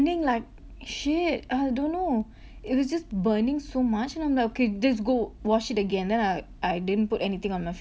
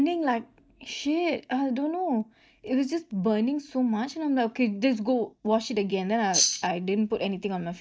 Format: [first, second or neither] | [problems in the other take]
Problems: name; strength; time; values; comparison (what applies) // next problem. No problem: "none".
first | noise reduction (neural mask model DeepFilterNet 3)